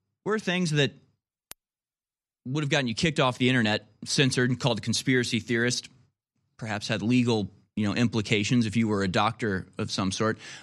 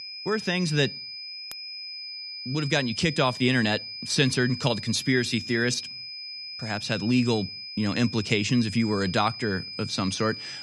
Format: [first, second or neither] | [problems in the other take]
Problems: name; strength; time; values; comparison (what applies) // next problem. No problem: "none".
first | high-pitched whine; loud; throughout; 5 kHz, 9 dB below the speech